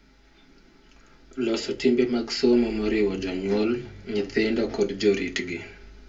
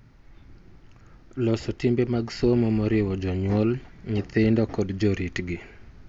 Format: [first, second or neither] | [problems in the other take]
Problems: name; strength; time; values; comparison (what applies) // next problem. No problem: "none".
second | room echo; dies away in 0.2 s